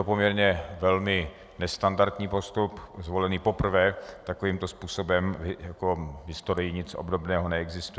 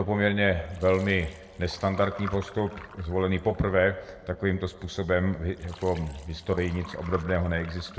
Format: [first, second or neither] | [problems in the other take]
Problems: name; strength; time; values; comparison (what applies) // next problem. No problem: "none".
first | background sound (Liquid); 20 dB below the speech // room echo; dies away in 1 s